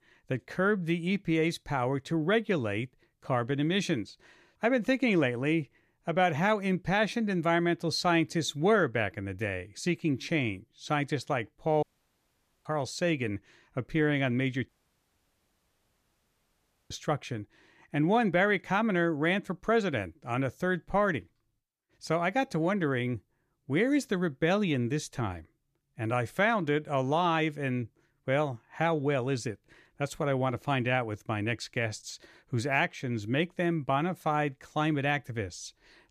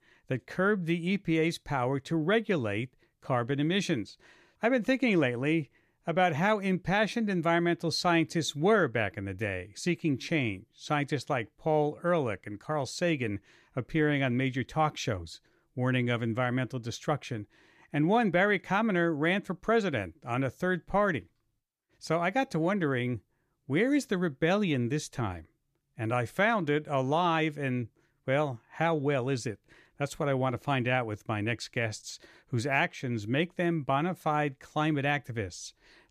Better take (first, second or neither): second